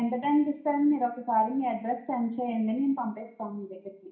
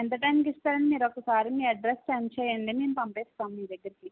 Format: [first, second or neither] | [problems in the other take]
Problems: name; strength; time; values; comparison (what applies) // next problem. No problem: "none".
second | room echo; dies away in 0.5 s